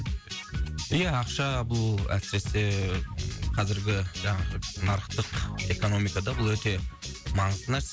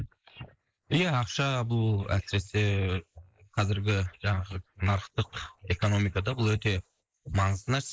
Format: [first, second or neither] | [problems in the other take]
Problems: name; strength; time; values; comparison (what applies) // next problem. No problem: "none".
first | noise reduction (neural mask model Resemble Enhance denoiser)